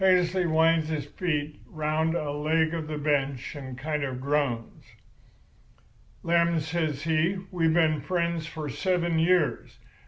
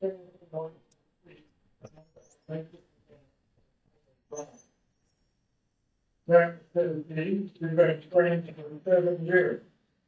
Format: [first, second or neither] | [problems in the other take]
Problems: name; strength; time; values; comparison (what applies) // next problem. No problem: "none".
first | noise reduction (neural mask model DeepFilterNet 3)